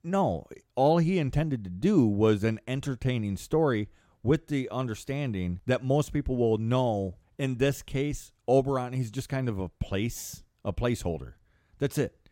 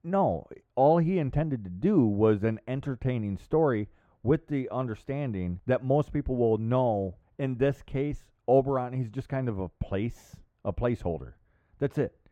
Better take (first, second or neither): first